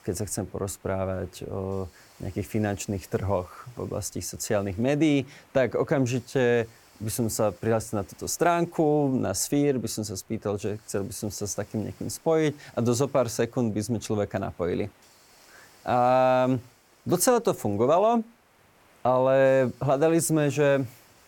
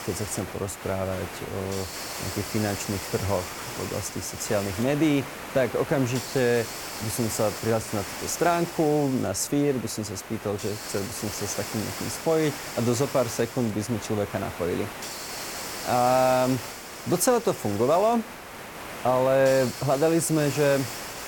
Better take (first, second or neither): first